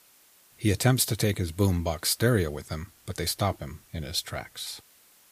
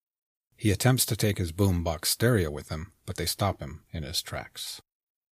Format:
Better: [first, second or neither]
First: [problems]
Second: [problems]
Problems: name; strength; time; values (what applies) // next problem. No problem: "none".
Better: second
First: hiss; faint; throughout; 30 dB below the speech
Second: none